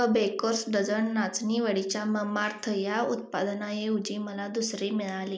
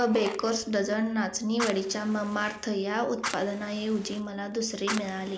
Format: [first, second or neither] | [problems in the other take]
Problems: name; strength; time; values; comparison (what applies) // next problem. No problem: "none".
first | background sound (Fire); 12 dB below the speech